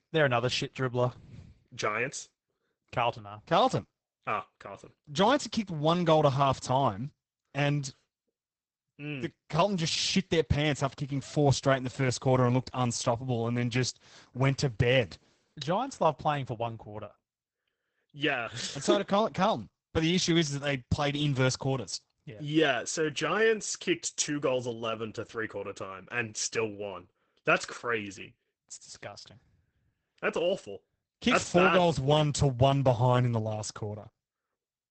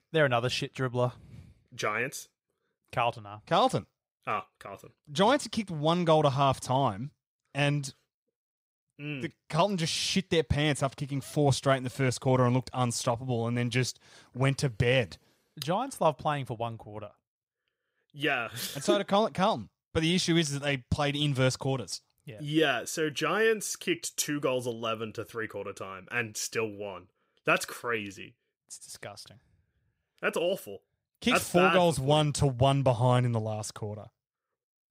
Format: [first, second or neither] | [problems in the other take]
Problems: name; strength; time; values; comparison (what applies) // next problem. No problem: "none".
second | garbled, watery; badly; nothing above 8 kHz